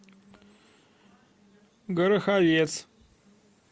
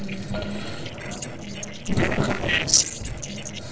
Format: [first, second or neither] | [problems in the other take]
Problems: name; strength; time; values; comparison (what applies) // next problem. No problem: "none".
first | noise reduction (neural separator model SepFormer DNS4)